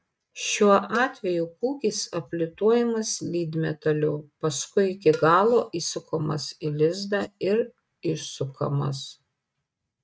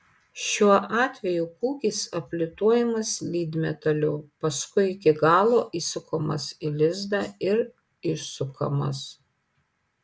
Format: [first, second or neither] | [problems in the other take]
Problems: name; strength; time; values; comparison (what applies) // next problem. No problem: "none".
second | noise reduction (neural mask model RNNoise)